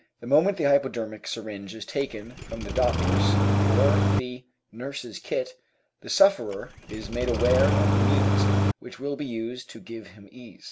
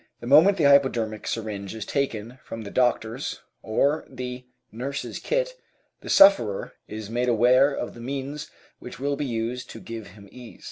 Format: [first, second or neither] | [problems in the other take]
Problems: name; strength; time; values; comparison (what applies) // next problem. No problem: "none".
second | background sound (Engine starting); 4 dB above the speech